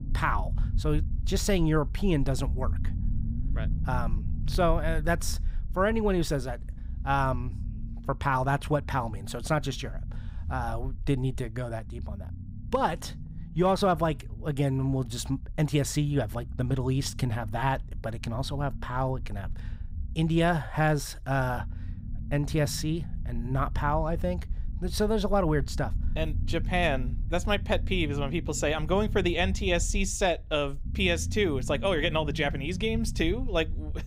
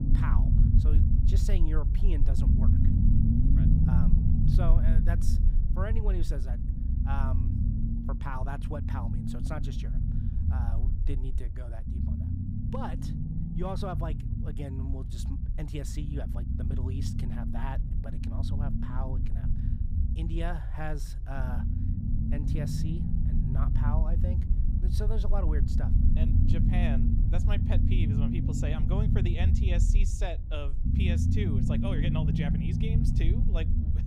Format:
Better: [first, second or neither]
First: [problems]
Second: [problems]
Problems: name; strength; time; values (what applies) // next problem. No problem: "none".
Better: first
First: low rumble; faint; throughout; 20 dB below the speech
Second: low rumble; loud; throughout; as loud as the speech